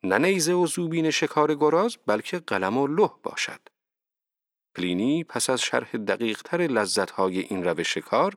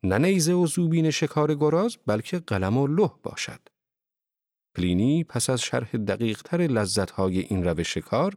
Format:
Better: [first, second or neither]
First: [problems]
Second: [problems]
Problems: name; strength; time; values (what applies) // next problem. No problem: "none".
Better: second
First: thin; somewhat; fading below 300 Hz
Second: none